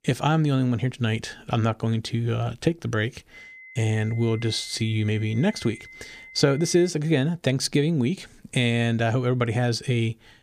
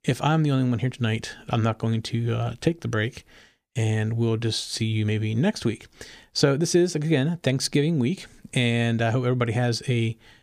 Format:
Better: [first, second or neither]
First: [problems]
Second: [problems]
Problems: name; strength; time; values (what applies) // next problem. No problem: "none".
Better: second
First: high-pitched whine; noticeable; from 3.5 to 7 s; 2 kHz, 20 dB below the speech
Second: none